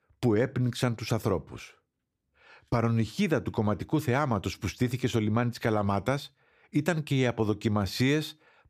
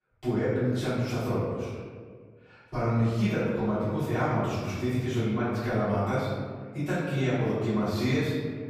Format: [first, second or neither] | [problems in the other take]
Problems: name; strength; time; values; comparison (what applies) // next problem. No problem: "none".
first | room echo; strong; dies away in 1.6 s // off-mic speech; far